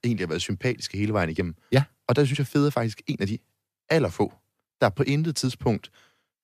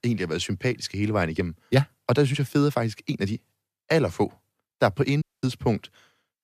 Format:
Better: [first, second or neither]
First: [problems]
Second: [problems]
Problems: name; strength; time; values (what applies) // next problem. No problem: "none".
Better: first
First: none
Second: audio cutting out; at 5 s